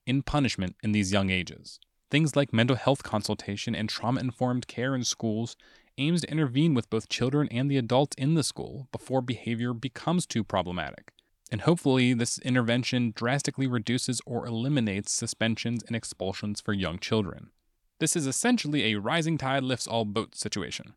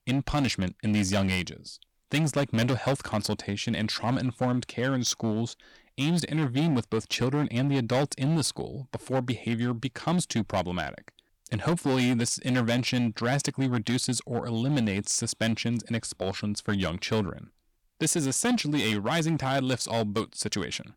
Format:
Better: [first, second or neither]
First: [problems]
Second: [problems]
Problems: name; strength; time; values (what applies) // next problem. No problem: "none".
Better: first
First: none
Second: distortion; slight; 9% of the sound clipped